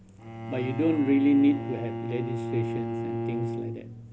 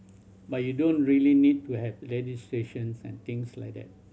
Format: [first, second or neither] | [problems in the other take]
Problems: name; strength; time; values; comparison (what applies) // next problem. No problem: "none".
second | background sound (Bowed string instrument); 6 dB below the speech